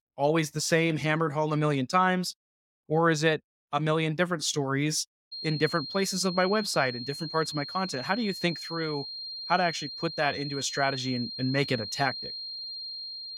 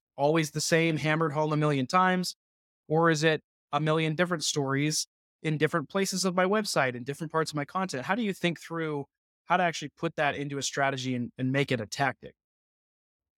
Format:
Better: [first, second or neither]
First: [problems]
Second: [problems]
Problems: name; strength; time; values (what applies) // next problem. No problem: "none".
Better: second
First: high-pitched whine; loud; from 5.5 s on; 4 kHz, 8 dB below the speech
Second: none